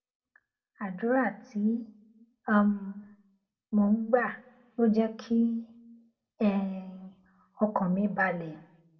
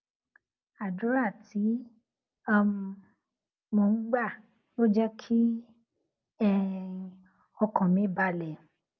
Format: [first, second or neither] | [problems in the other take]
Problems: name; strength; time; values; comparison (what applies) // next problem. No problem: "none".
second | room echo; dies away in 0.5 s